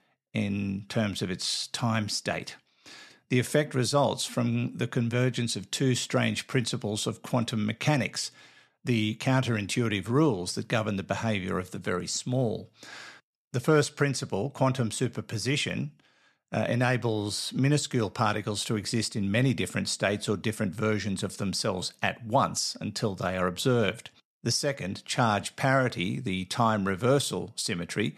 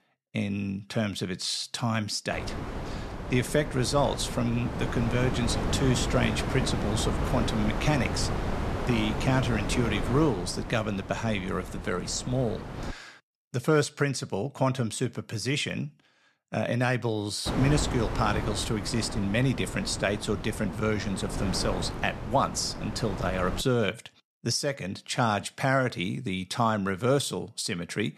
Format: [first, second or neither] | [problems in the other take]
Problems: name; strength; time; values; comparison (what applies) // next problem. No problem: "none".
first | wind noise on the microphone; heavy; from 2.5 to 13 s and from 17 to 24 s; 7 dB below the speech